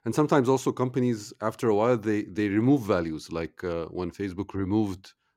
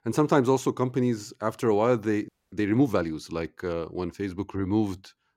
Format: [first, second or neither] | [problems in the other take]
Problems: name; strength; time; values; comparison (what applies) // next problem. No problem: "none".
first | audio freezing; at 2.5 s